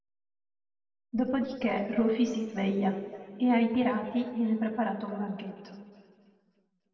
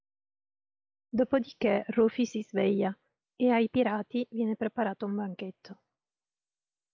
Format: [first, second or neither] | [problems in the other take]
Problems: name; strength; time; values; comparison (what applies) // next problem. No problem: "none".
second | room echo; dies away in 1.9 s